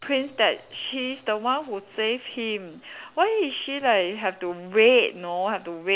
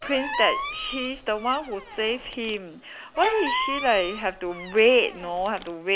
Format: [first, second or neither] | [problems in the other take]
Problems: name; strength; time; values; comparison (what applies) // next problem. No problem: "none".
first | background sound (Squeak + Bowed string instrument); 7 dB below the speech